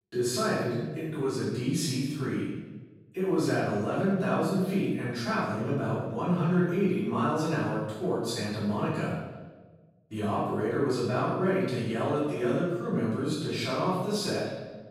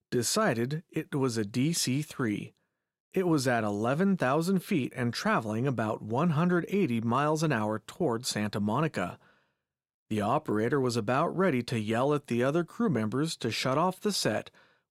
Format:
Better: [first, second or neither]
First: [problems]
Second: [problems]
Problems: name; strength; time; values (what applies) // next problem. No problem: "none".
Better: second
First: room echo; strong; dies away in 1 s // off-mic speech; far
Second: none